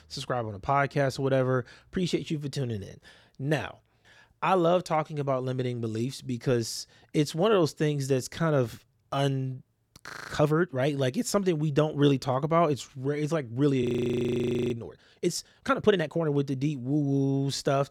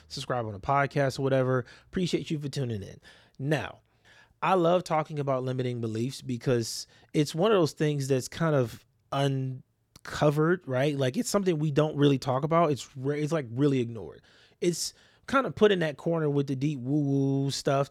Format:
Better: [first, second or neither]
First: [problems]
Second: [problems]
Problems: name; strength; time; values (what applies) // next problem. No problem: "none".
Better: second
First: audio freezing; at 10 s and at 14 s for 1 s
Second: none